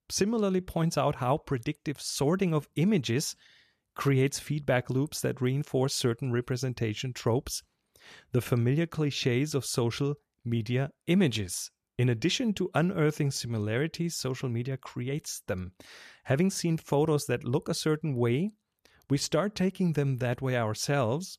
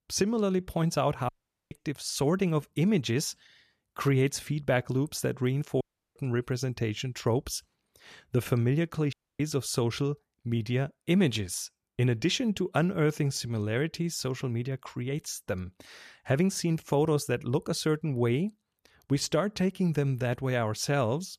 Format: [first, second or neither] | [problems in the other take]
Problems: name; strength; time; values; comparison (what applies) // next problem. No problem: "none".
first | audio cutting out; at 1.5 s, at 6 s and at 9 s